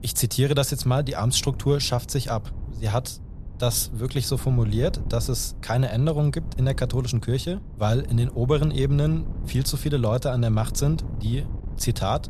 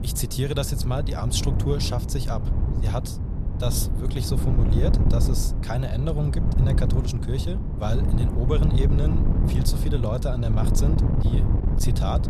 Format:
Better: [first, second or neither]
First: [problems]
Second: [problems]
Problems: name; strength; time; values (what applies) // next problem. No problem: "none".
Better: first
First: wind noise on the microphone; occasional gusts; 20 dB below the speech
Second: wind noise on the microphone; heavy; 4 dB below the speech